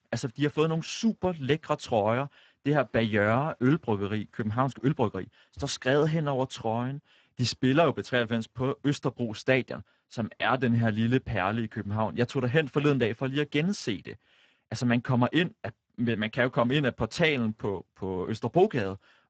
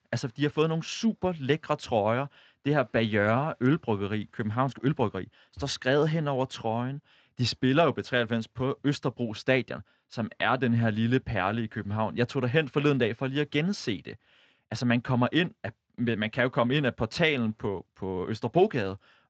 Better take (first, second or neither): second